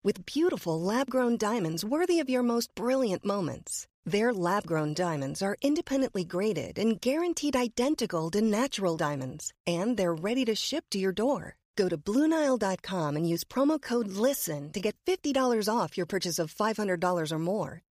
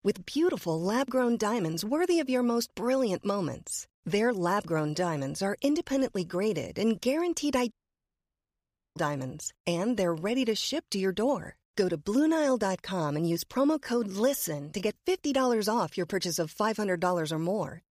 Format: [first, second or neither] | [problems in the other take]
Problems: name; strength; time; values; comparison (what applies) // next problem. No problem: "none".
first | audio cutting out; at 7.5 s for 1 s